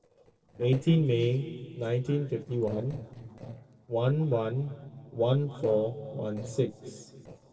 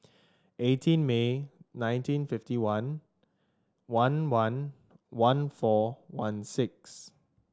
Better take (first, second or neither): second